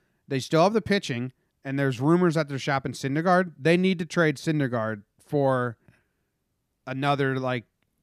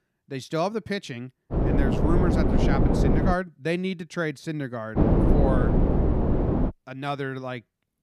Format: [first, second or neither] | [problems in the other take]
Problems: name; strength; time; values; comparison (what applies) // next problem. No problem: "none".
first | wind noise on the microphone; heavy; from 1.5 to 3.5 s and from 5 to 6.5 s; 2 dB above the speech